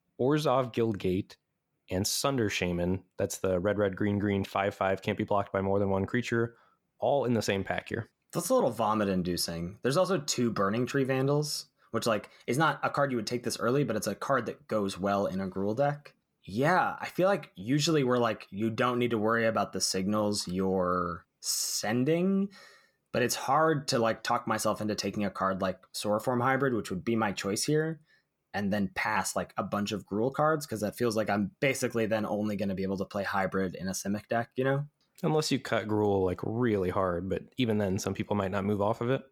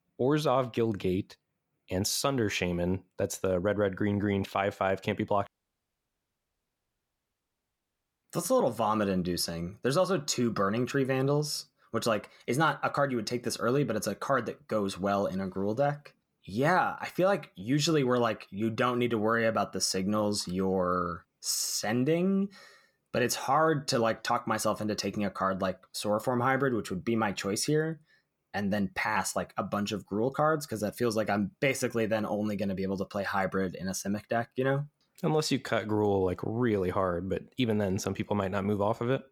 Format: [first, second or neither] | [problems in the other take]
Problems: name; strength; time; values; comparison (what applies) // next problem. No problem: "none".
first | audio cutting out; at 5.5 s for 3 s